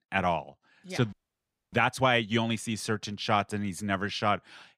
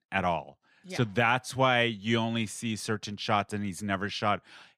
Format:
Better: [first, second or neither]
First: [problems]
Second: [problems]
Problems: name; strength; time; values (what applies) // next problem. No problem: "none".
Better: second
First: audio freezing; at 1 s for 0.5 s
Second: none